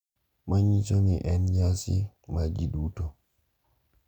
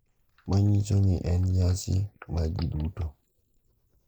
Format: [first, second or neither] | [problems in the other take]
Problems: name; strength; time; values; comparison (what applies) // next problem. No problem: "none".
first | noise reduction (neural mask model Resemble Enhance denoiser)